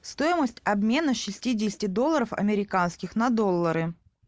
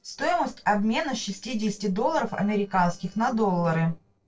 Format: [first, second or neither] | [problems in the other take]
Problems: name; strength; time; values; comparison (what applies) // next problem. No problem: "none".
first | noise reduction (neural separator model SepFormer DNS4)